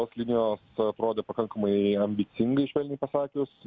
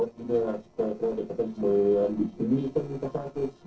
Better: first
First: none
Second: noise reduction (neural separator model SepFormer DNS4)

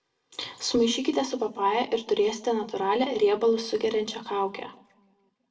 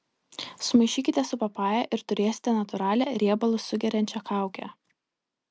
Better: second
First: room echo; dies away in 0.6 s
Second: none

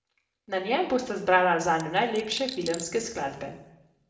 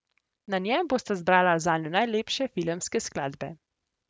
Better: second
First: background sound (Coin (dropping)); 13 dB below the speech // room echo; dies away in 0.7 s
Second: none

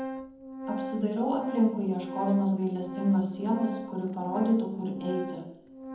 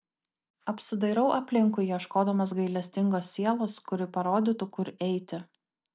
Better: second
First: background sound (Organ); 9 dB below the speech // room echo; dies away in 1 s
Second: none

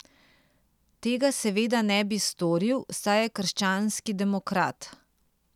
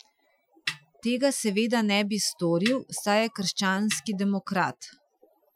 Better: first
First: none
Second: noise reduction (classical method Wiener filter)

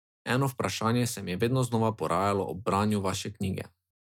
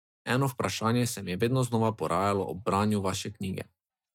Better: first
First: none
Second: noise reduction (neural mask model DeepFilterNet 3)

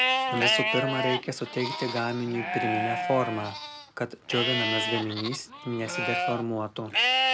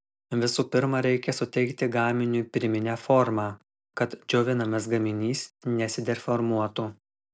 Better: second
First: background sound (Livestock, farm animals, working animals); 2 dB above the speech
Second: none

